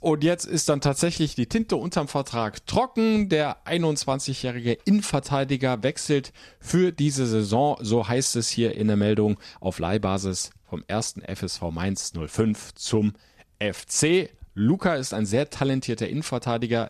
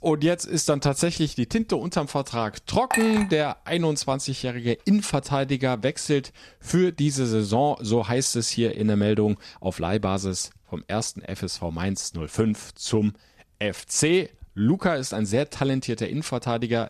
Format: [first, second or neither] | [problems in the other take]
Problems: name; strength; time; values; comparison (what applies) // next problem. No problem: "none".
first | clattering dishes; noticeable; at 3 s; peak 1 dB below the speech